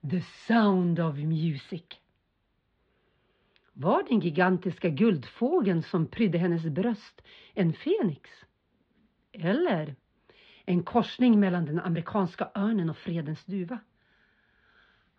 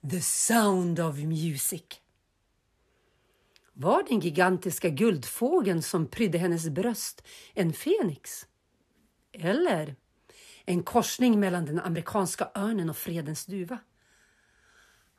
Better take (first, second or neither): second